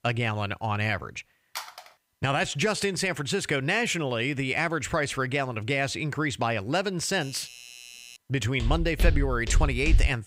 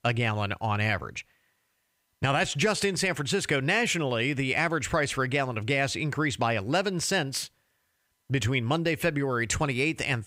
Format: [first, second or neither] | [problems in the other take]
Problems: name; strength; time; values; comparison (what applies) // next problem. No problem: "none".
second | phone ringing; faint; at 1.5 s; peak 10 dB below the speech // doorbell; faint; from 7 to 8 s; peak 15 dB below the speech // footsteps; loud; from 8.5 s on; peak 1 dB above the speech